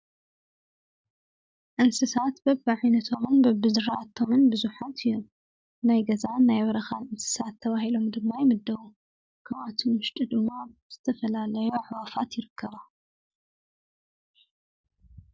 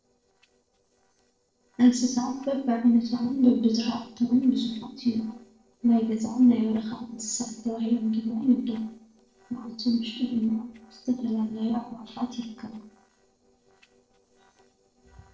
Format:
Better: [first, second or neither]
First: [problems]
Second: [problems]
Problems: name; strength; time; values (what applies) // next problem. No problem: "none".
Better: first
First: none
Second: noise reduction (neural separator model SepFormer DNS4)